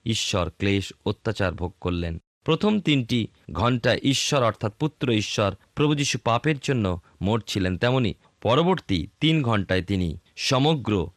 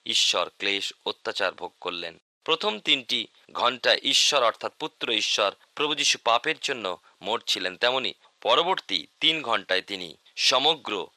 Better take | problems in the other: first | thin; very; fading below 650 Hz

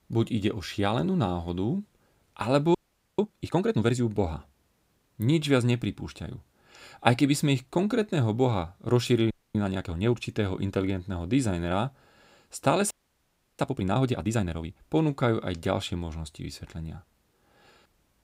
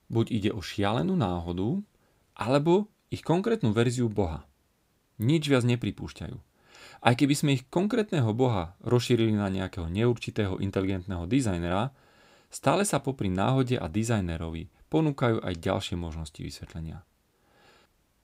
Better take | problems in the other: second | audio freezing; at 3 s, at 9.5 s and at 13 s for 0.5 s

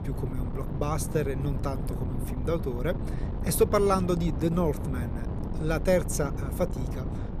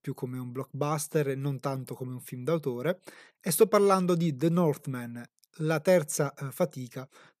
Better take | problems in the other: second | wind noise on the microphone; occasional gusts; 10 dB below the speech

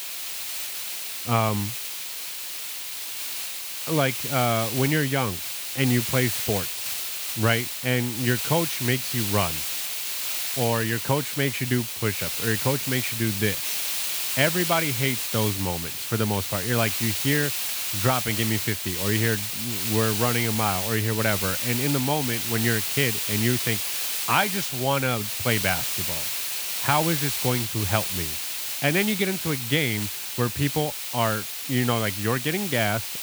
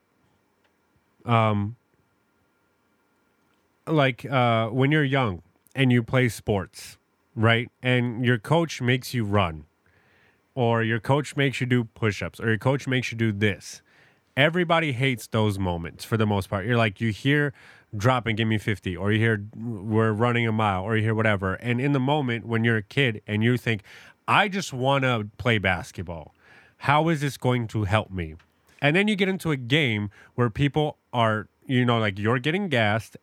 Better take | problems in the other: second | hiss; loud; throughout; 1 dB below the speech

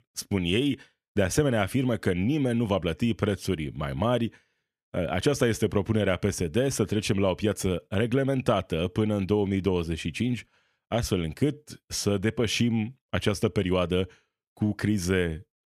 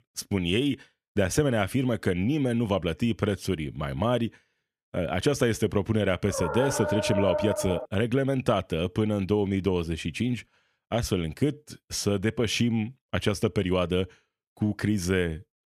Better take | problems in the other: first | dog barking; noticeable; from 6.5 to 8 s; peak 1 dB below the speech

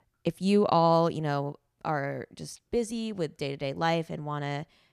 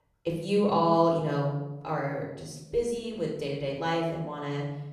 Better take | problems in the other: first | off-mic speech; far // room echo; noticeable; dies away in 0.8 s

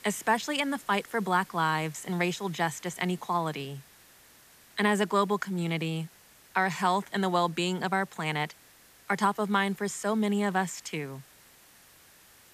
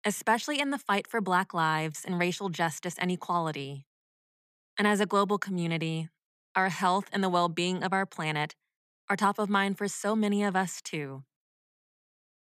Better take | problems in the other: second | hiss; faint; throughout; 25 dB below the speech

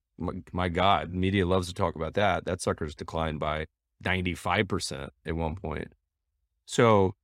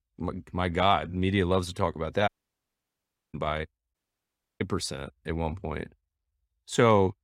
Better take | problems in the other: first | audio cutting out; at 2.5 s for 1 s and at 4 s for 0.5 s

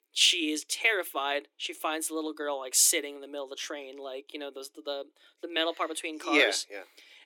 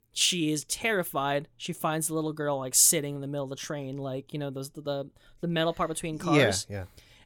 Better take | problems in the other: second | thin; somewhat; fading below 300 Hz

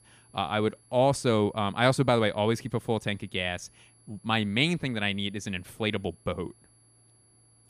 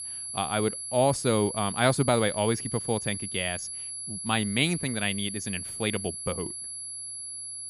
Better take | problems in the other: first | high-pitched whine; loud; throughout; 11 kHz, 6 dB below the speech; faint in the first

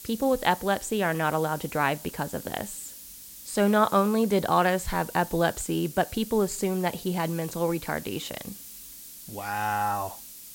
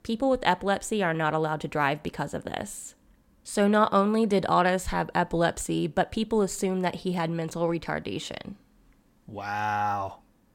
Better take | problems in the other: second | hiss; noticeable; throughout; 15 dB below the speech

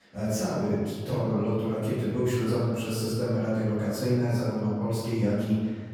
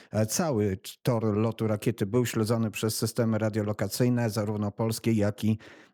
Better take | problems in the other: second | off-mic speech; far // room echo; strong; dies away in 1.6 s

